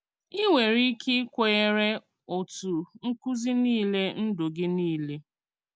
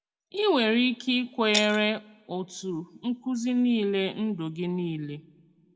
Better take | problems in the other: first | background sound (Shatter); 13 dB below the speech // room echo; dies away in 0.6 s

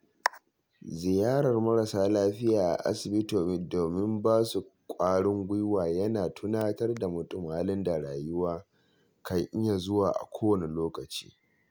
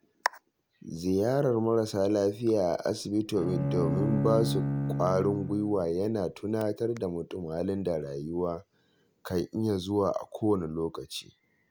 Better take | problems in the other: first | background sound (Bowed string instrument); 2 dB below the speech

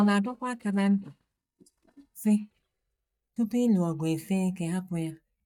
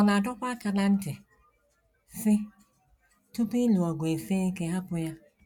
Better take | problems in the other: second | noise reduction (neural mask model DeepFilterNet 3)

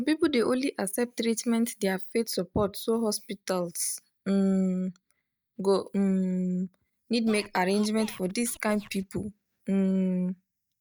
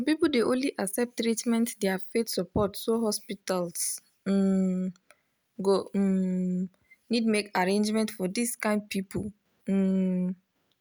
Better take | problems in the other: second | noise reduction (neural mask model DeepFilterNet 3)

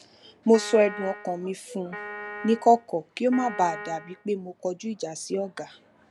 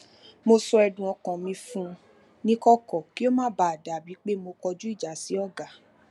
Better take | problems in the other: second | background sound (Piano); 12 dB below the speech

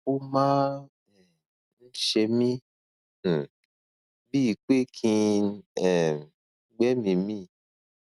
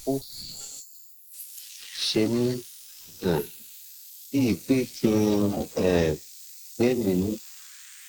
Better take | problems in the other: first | noise reduction (neural mask model Resemble Enhance denoiser)

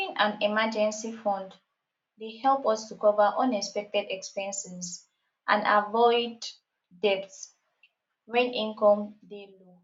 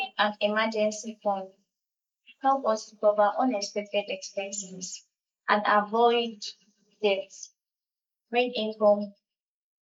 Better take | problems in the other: first | noise reduction (neural mask model Resemble Enhance denoiser)

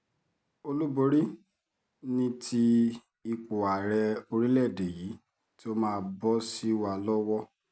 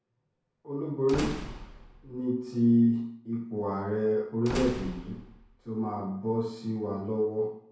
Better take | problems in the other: first | background sound (Slam / Wood); 12 dB below the speech // room echo; dies away in 0.6 s

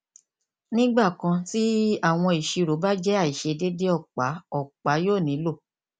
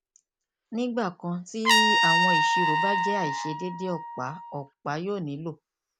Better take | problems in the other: first | background sound (Trumpet); 4 dB above the speech

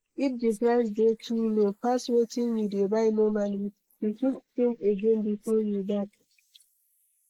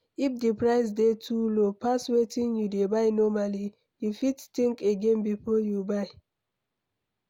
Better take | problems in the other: second | noise reduction (neural mask model Resemble Enhance denoiser)

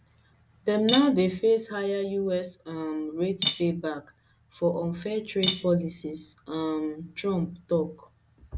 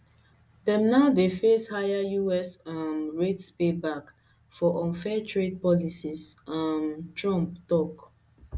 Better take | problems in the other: second | background sound (Cutlery, silverware / Dishes, pots, and pans); 8 dB below the speech

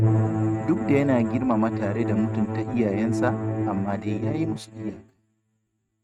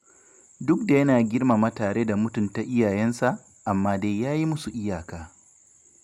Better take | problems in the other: second | noise reduction (neural mask model RNNoise)

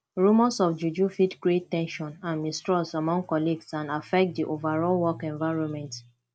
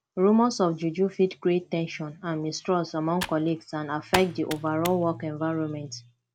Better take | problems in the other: first | background sound (Computer keyboard); 11 dB below the speech

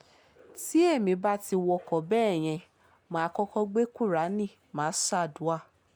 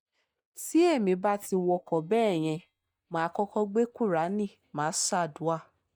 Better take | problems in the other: first | noise reduction (neural mask model DeepFilterNet 3)

